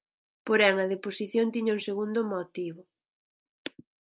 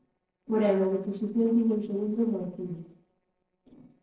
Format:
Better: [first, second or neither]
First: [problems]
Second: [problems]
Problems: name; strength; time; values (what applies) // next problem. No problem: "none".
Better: first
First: none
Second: noise reduction (neural separator model SepFormer DNS4)